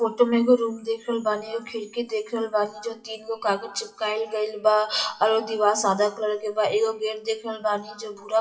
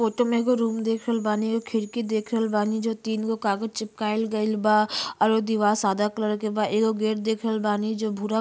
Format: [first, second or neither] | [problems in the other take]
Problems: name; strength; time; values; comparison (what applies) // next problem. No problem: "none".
second | noise reduction (classical method WPE with log-MMSE)